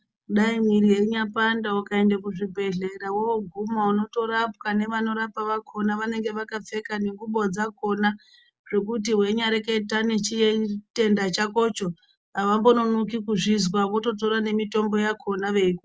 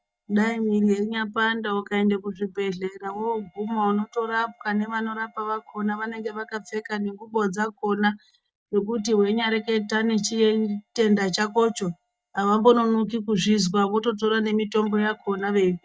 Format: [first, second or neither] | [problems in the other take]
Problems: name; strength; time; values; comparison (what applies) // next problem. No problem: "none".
first | noise reduction (neural mask model DeepFilterNet 3)